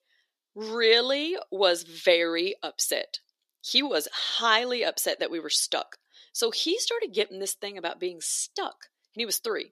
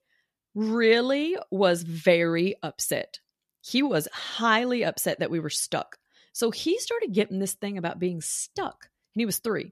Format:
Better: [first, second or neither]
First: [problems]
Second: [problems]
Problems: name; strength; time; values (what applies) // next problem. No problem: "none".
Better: second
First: thin; somewhat; fading below 300 Hz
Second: none